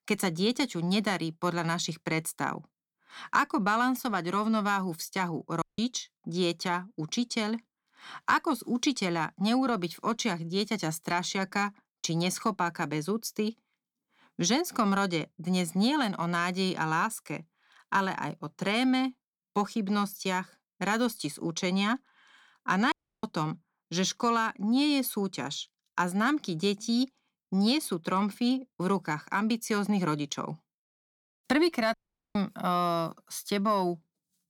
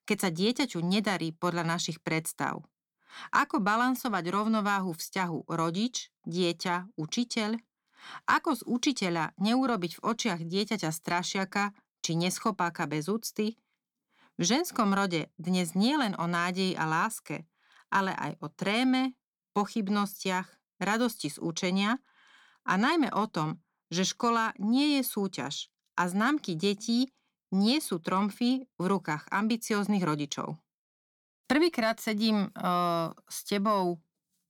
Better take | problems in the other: second | audio cutting out; at 5.5 s, at 23 s and at 32 s

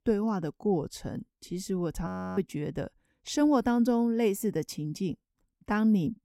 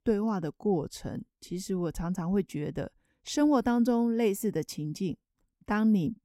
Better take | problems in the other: second | audio freezing; at 2 s

